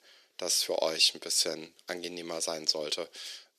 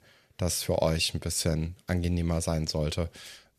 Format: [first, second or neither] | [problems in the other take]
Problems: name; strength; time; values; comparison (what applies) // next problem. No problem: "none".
second | thin; very; fading below 350 Hz